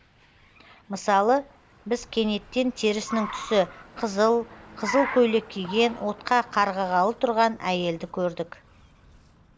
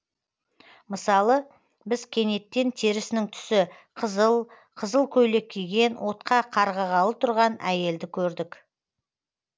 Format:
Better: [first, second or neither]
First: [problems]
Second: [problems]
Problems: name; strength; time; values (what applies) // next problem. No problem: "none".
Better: second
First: background sound (Car); 15 dB below the speech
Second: none